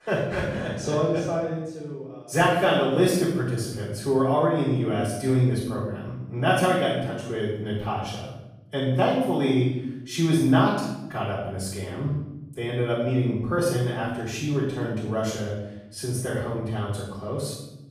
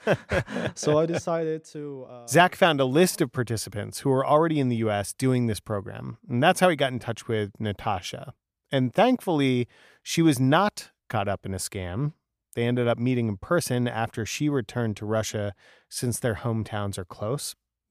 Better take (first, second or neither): second